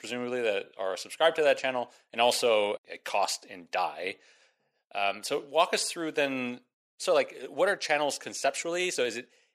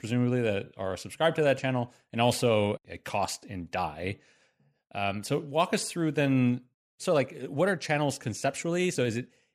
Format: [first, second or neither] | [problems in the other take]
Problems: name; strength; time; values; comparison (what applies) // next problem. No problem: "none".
second | thin; somewhat; fading below 500 Hz